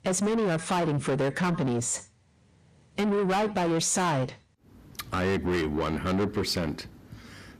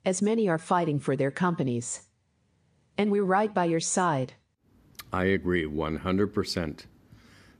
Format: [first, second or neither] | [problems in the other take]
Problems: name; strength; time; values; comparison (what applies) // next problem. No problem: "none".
second | distortion; heavy; 7 dB below the speech